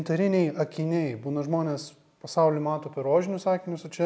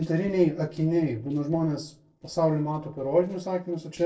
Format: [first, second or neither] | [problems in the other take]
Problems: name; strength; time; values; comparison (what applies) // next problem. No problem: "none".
first | noise reduction (neural separator model SepFormer DNS4)